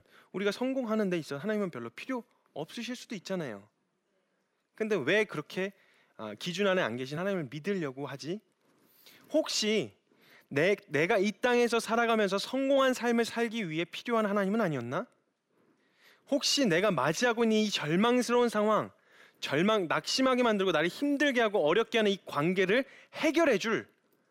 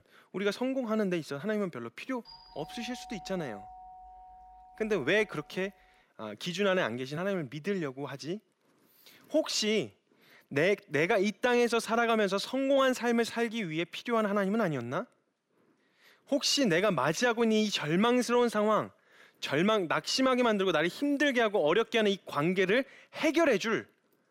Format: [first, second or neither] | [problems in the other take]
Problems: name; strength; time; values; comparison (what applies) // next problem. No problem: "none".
first | doorbell; faint; from 2.5 to 6 s; peak 20 dB below the speech